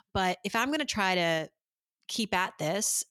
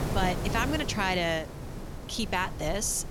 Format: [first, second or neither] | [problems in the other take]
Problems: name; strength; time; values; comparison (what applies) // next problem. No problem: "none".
first | wind noise on the microphone; occasional gusts; 10 dB below the speech